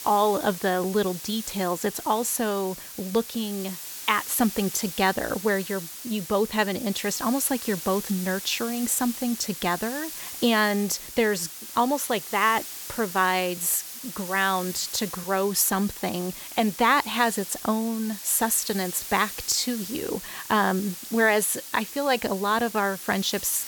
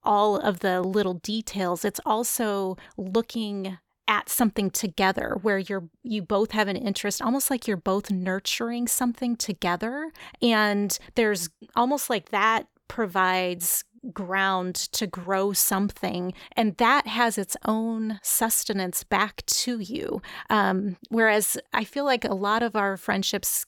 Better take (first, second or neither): second